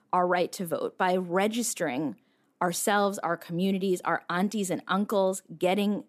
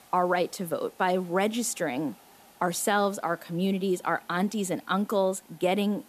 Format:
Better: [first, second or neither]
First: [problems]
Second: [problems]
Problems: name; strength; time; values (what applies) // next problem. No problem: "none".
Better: first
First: none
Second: hiss; faint; throughout; 25 dB below the speech